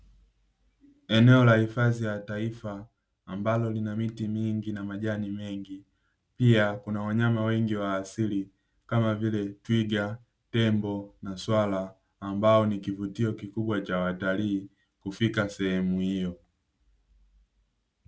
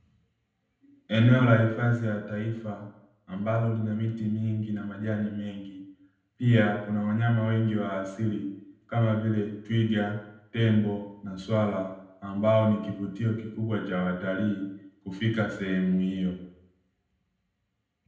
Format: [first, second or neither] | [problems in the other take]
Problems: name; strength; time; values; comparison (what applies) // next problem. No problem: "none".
first | room echo; dies away in 0.7 s